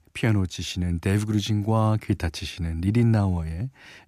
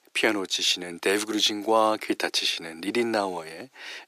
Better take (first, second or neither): first